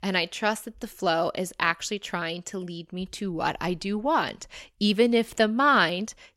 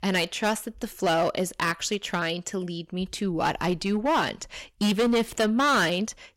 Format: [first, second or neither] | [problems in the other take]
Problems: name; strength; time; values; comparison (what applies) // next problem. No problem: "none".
first | distortion; heavy; 9% of the sound clipped